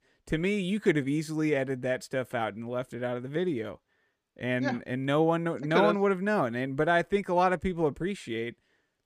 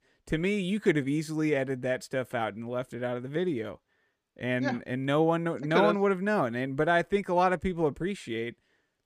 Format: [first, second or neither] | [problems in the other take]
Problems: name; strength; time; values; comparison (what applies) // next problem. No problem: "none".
neither | none